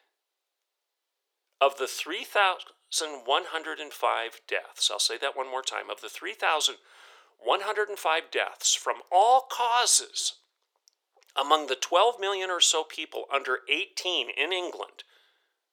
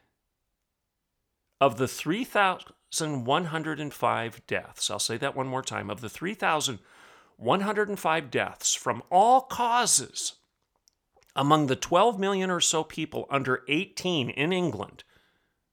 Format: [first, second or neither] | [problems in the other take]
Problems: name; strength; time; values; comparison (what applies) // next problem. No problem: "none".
second | thin; very; fading below 400 Hz